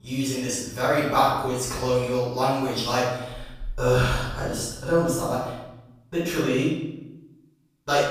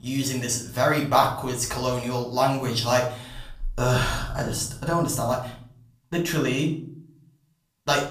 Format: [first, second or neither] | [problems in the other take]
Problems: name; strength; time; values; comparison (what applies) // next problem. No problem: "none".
second | room echo; strong; dies away in 0.8 s; slight in the second // off-mic speech; far; far in the second